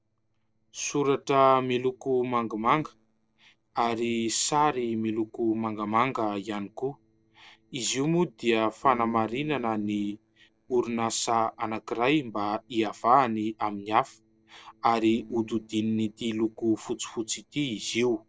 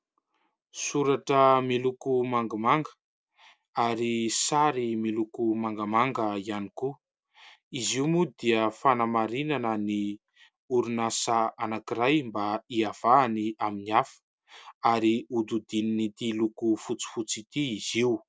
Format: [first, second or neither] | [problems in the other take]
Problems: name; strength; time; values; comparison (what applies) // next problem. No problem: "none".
second | noise reduction (neural separator model SepFormer DNS4)